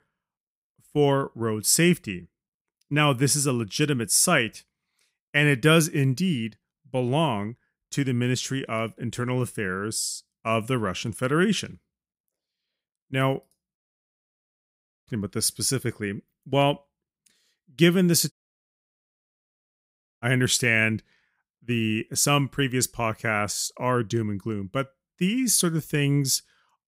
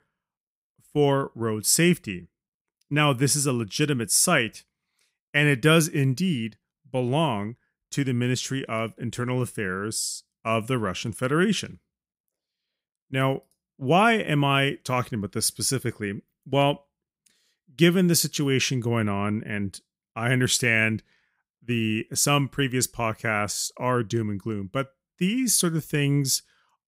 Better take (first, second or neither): second